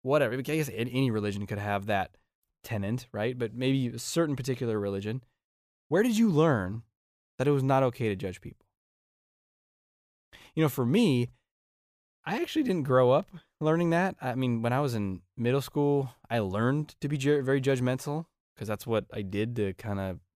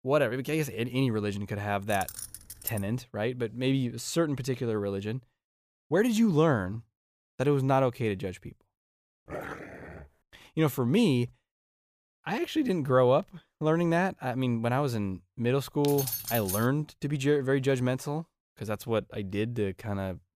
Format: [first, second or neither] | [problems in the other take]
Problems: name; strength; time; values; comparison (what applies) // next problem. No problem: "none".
first | jangling keys; noticeable; at 2 s and at 16 s; peak 3 dB below the speech // dog barking; noticeable; at 9.5 s; peak 10 dB below the speech